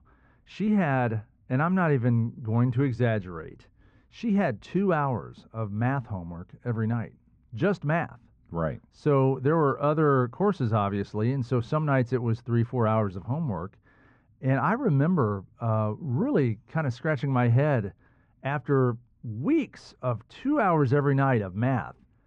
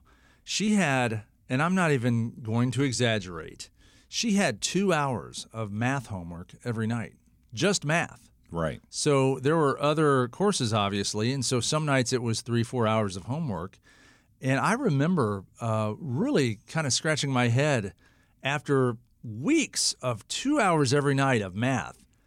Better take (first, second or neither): second